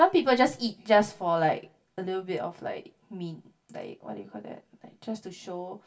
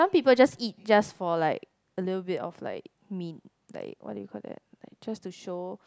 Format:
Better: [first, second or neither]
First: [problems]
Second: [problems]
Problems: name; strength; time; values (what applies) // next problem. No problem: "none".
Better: second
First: room echo; dies away in 0.2 s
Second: none